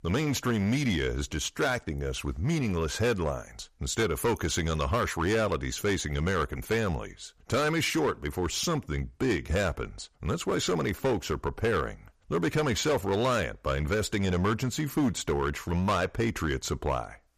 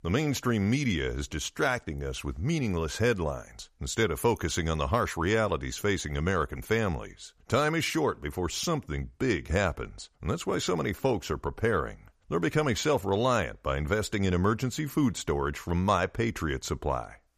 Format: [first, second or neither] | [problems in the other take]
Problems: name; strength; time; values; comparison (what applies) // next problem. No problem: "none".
second | distortion; slight; 7% of the sound clipped